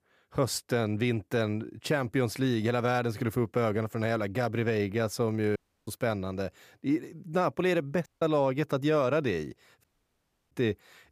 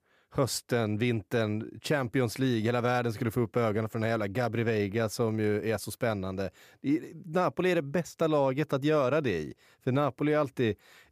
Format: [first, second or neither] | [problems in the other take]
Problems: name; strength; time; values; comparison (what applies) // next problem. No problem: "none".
second | audio cutting out; at 5.5 s, at 8 s and at 10 s for 0.5 s